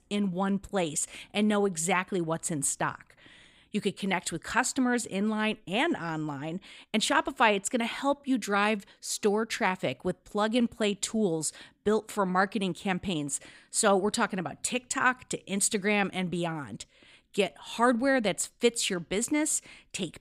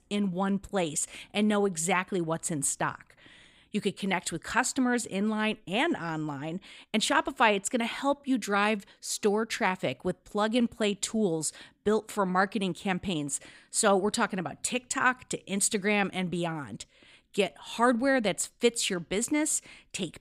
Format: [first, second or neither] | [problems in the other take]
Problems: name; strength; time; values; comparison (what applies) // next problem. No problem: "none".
neither | none